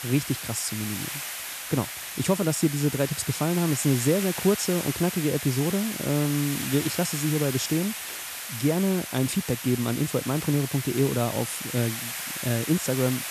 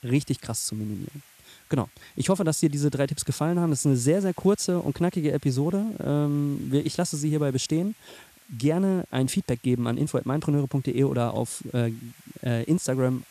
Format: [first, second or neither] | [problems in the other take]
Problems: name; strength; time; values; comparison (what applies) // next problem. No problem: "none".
second | hiss; loud; throughout; 5 dB below the speech; faint in the second